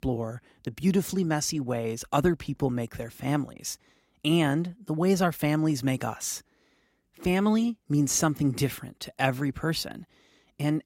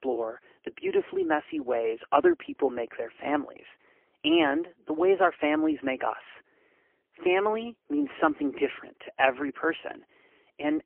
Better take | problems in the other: first | phone-call audio; poor line; nothing above 3 kHz

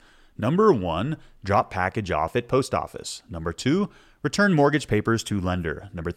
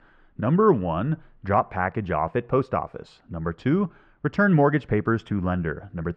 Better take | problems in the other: first | muffled; very; fading above 1.5 kHz

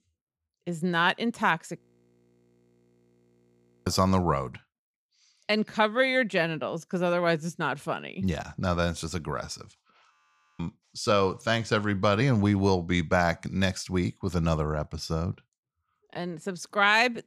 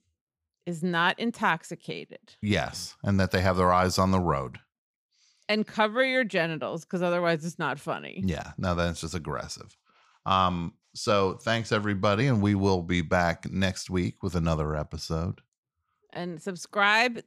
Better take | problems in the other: second | audio freezing; at 2 s for 2 s and at 10 s

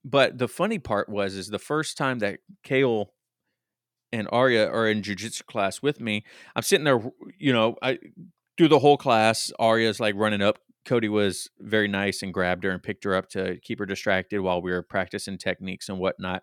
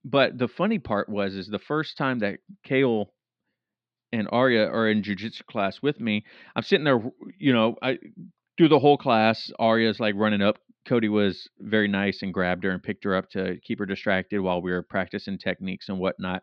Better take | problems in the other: first | muffled; very slightly; fading above 4.5 kHz

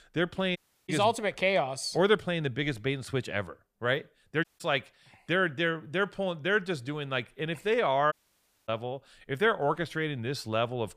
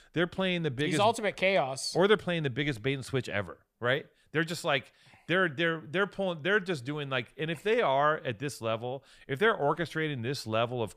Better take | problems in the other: second | audio cutting out; at 0.5 s, at 4.5 s and at 8 s for 0.5 s

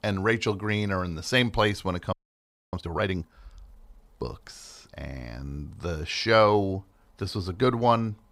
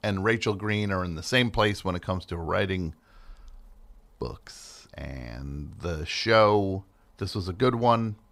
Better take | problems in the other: second | audio freezing; at 2 s for 0.5 s

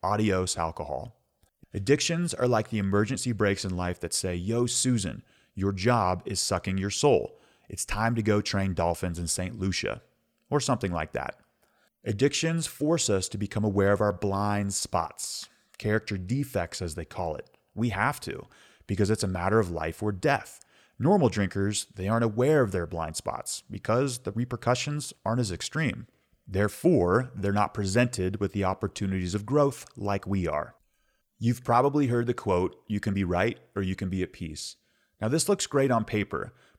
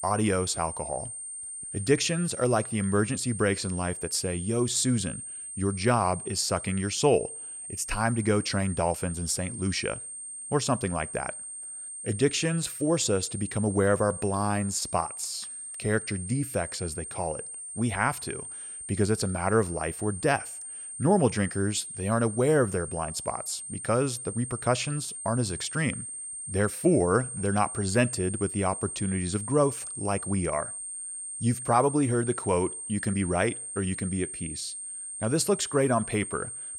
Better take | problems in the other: first | high-pitched whine; loud; throughout; 8.5 kHz, 8 dB below the speech

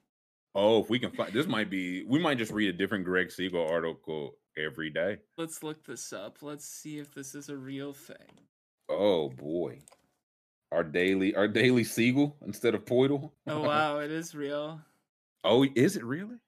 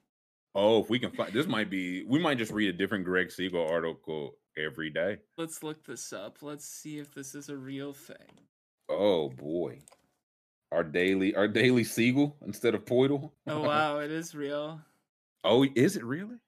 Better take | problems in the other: neither | none

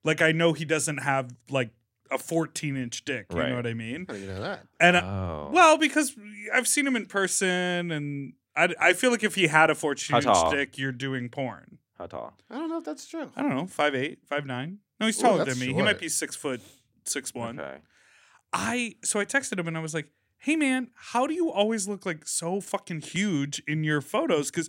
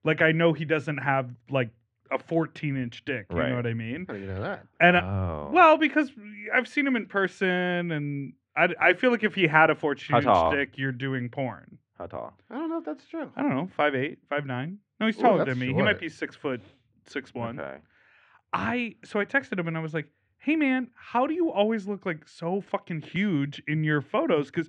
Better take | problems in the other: first | muffled; very; fading above 2.5 kHz

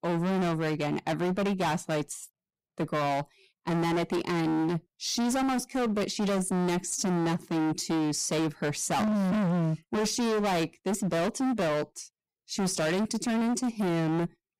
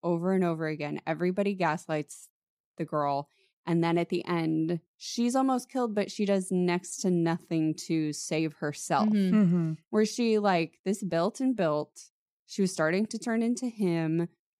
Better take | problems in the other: second | distortion; heavy; 34% of the sound clipped

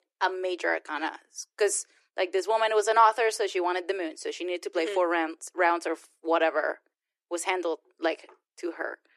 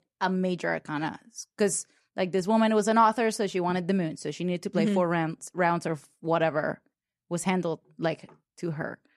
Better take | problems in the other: second | thin; very; fading below 300 Hz

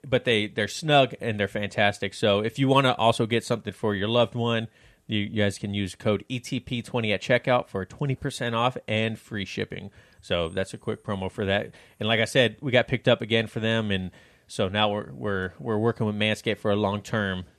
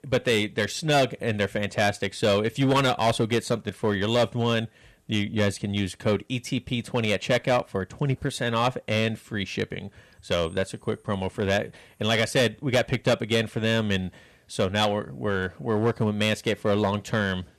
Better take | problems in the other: first | distortion; slight; 5% of the sound clipped

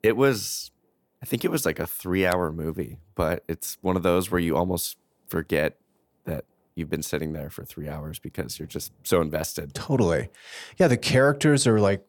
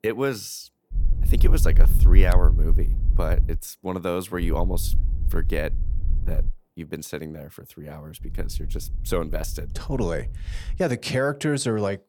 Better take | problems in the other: first | low rumble; noticeable; from 1 to 3.5 s, from 4.5 to 6.5 s and from 8 to 11 s; 15 dB below the speech

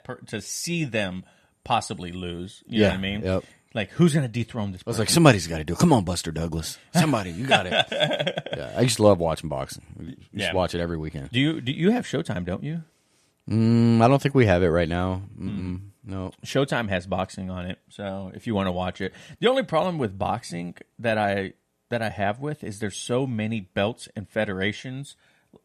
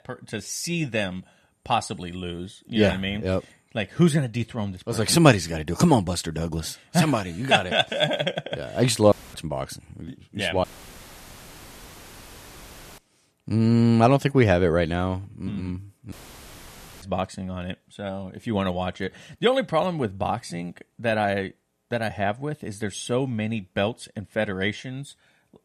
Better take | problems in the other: first | audio cutting out; filled with static; at 9 s, at 11 s for 2.5 s and at 16 s for 1 s

